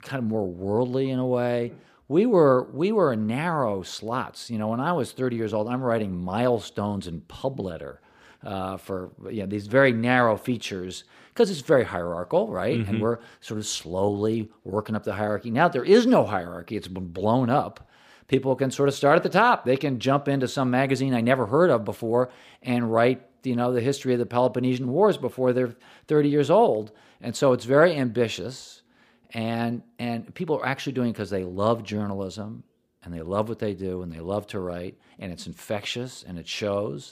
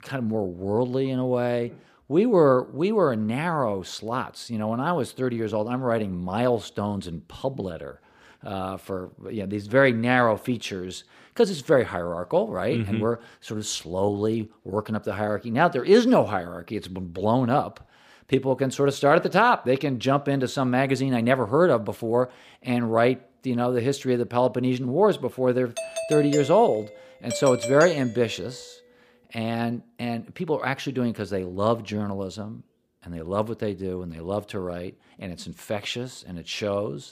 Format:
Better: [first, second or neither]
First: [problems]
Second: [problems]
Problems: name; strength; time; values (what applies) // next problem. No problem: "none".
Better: first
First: none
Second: doorbell; noticeable; from 26 to 28 s; peak 6 dB below the speech